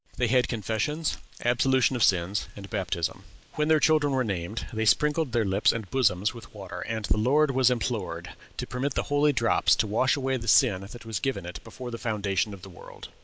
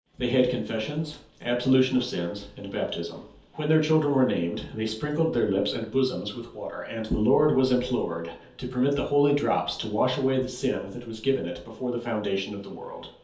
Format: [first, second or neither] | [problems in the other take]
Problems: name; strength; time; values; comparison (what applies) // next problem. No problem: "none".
first | room echo; dies away in 0.5 s